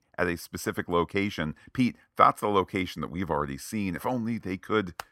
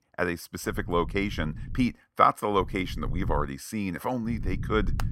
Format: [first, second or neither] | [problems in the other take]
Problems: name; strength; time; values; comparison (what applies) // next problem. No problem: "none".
first | low rumble; faint; from 0.5 to 2 s, at 2.5 s and at 4.5 s; 20 dB below the speech